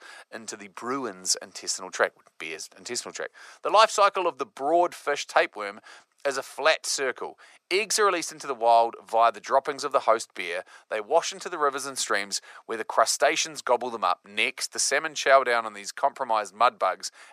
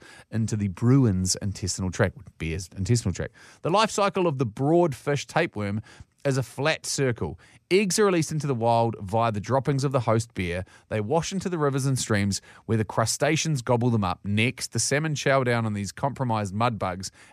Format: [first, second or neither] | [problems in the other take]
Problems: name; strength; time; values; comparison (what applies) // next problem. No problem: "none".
second | thin; very; fading below 450 Hz